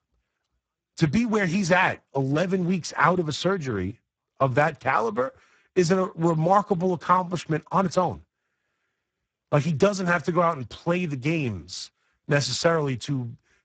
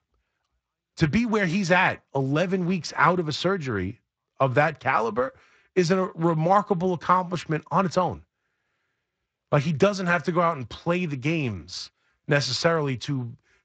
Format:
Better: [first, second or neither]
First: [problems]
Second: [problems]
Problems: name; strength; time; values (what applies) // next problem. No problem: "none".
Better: second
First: garbled, watery; badly; nothing above 7.5 kHz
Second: garbled, watery; slightly; nothing above 7.5 kHz